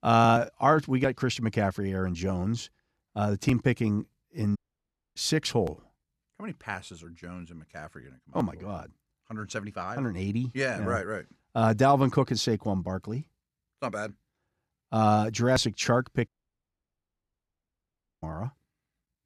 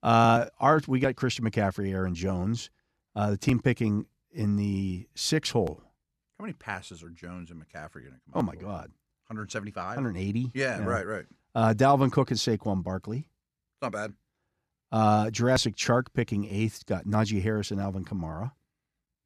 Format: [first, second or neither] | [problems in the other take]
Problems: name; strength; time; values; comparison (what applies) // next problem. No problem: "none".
second | audio cutting out; at 4.5 s for 0.5 s and at 16 s for 2 s